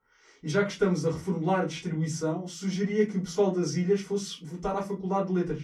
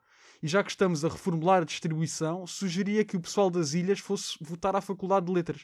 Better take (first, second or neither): second